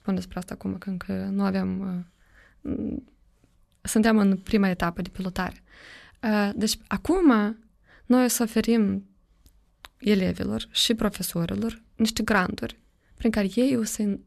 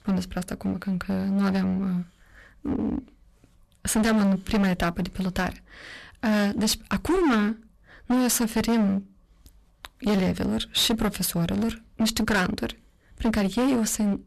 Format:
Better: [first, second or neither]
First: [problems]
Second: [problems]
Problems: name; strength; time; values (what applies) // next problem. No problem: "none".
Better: first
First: none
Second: distortion; heavy; 14% of the sound clipped